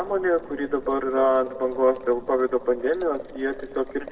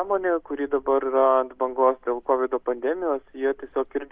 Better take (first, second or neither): second